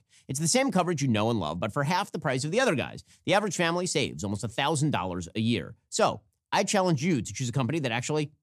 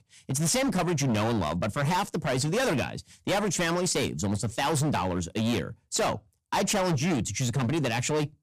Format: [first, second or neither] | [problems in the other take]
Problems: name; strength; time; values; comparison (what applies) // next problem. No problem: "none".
first | distortion; heavy; 23% of the sound clipped